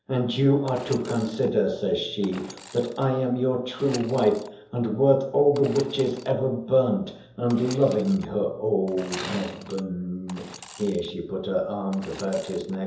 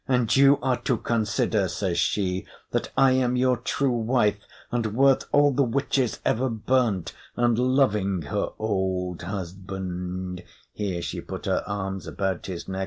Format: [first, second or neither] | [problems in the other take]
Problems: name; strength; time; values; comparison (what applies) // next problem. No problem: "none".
second | background sound (Sawing / Engine); 19 dB below the speech // room echo; dies away in 0.7 s